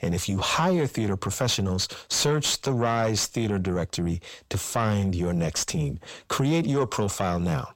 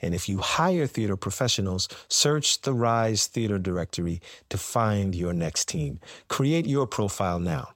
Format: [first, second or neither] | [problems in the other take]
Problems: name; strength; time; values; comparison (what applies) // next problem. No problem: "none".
second | distortion; slight; 10 dB below the speech